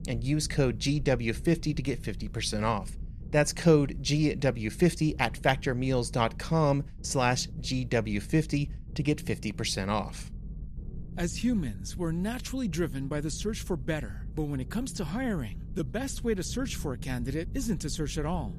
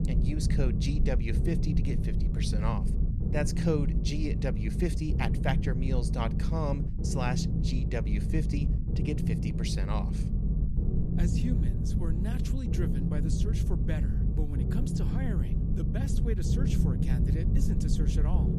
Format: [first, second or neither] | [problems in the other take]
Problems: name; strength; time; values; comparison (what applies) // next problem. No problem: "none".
first | low rumble; loud; throughout; 2 dB below the speech; faint in the first